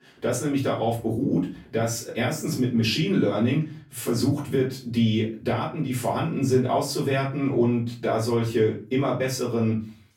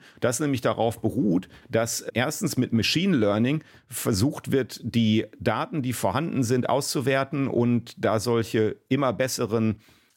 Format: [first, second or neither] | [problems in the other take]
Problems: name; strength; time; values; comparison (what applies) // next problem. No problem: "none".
second | off-mic speech; far // room echo; slight; dies away in 0.3 s